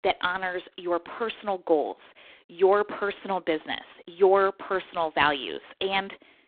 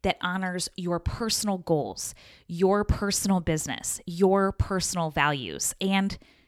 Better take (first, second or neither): second